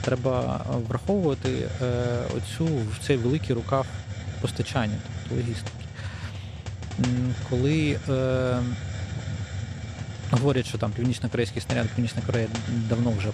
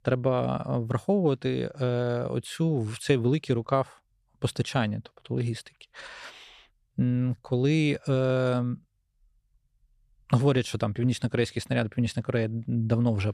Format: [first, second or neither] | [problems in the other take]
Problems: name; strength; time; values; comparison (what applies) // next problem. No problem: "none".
second | hiss; loud; throughout; 8 dB below the speech